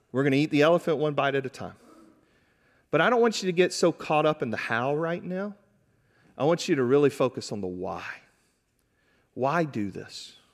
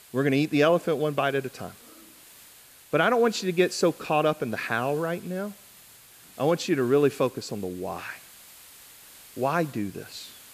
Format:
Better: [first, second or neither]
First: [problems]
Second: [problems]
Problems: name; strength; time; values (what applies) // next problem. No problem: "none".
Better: first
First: none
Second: hiss; faint; throughout; 20 dB below the speech